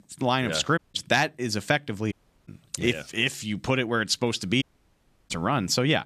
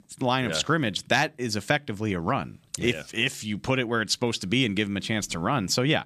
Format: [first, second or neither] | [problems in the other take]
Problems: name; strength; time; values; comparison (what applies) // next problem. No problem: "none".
second | audio cutting out; at 1 s, at 2 s and at 4.5 s for 0.5 s